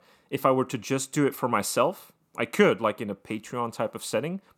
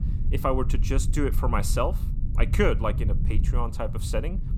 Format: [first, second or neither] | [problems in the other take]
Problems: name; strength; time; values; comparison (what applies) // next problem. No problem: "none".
first | low rumble; noticeable; throughout; 15 dB below the speech